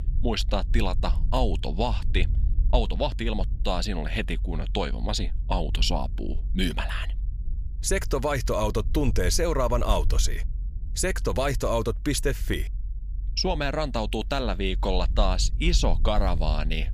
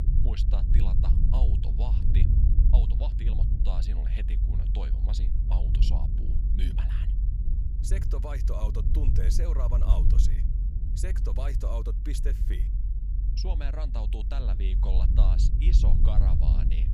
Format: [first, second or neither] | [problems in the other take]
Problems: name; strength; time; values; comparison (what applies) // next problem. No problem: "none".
first | low rumble; loud; throughout; 3 dB below the speech; faint in the first